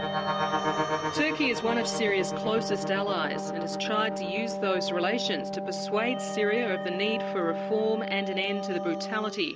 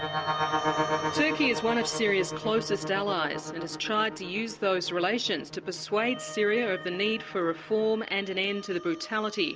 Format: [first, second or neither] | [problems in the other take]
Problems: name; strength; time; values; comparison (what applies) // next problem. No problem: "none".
second | background sound (Wind instrument, woodwind instrument); 5 dB below the speech